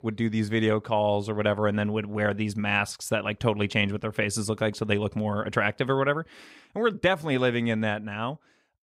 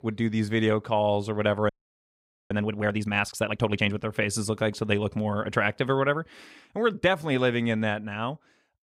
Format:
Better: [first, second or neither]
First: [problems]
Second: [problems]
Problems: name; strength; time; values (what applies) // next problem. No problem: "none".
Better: first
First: none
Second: audio freezing; at 1.5 s for 1 s